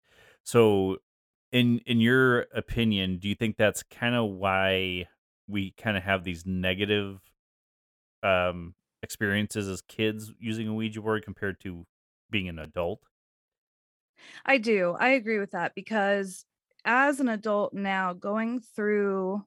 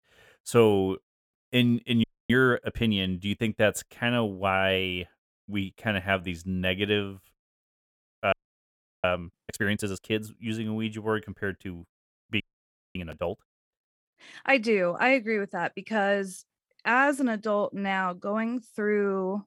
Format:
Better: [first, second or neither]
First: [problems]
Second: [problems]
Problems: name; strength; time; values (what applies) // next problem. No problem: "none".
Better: first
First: none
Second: audio freezing; at 2 s, at 8.5 s for 0.5 s and at 12 s for 0.5 s